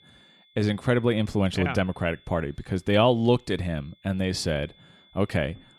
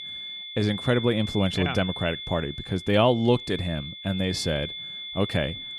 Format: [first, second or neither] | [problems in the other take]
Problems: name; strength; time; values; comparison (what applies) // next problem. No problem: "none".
first | high-pitched whine; loud; throughout; 3.5 kHz, 9 dB below the speech; faint in the first